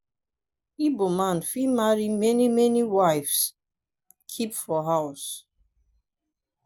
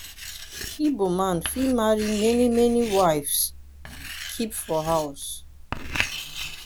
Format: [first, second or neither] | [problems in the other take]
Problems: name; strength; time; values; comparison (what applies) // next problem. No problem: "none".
first | background sound (Writing); 10 dB below the speech